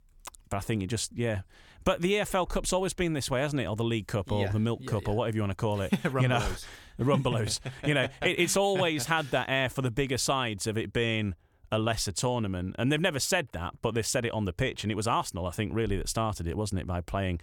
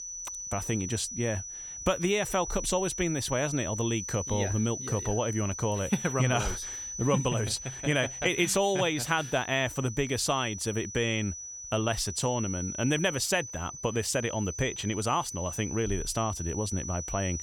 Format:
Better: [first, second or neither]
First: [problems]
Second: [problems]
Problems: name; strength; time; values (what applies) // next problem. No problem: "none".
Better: first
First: none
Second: high-pitched whine; loud; throughout; 6 kHz, 7 dB below the speech